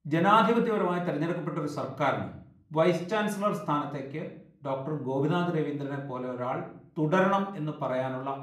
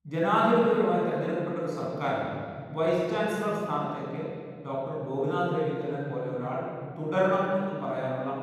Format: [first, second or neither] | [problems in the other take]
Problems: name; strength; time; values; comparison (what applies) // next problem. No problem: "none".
first | room echo; strong; dies away in 3 s; slight in the first // off-mic speech; far; somewhat distant in the first